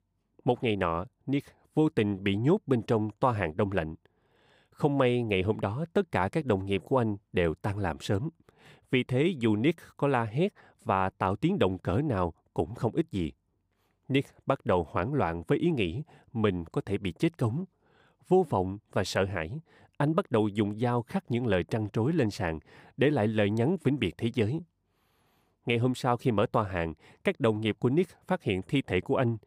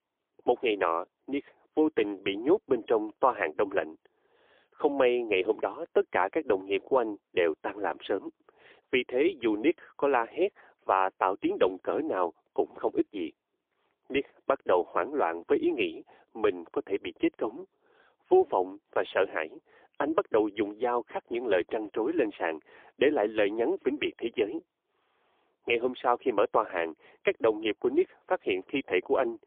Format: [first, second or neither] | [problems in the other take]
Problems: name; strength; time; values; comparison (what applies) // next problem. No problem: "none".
first | phone-call audio; poor line; nothing above 3.5 kHz